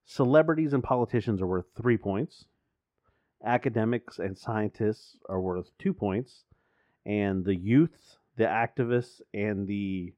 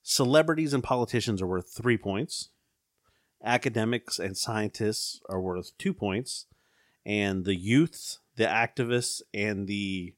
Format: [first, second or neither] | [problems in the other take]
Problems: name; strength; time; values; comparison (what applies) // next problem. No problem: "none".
second | muffled; very; fading above 3.5 kHz